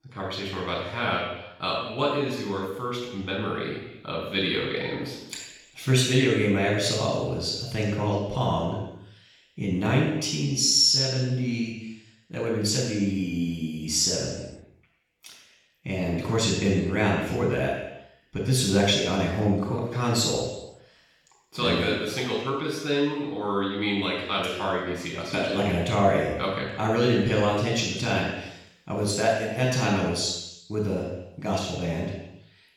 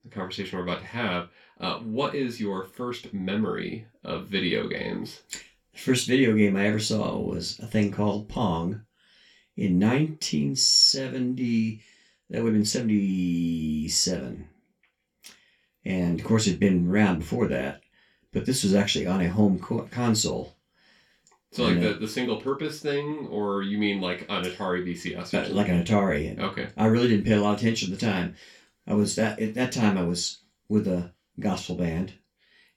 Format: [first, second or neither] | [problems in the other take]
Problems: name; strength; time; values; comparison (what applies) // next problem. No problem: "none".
second | room echo; strong; dies away in 0.9 s; slight in the second // off-mic speech; far; far in the second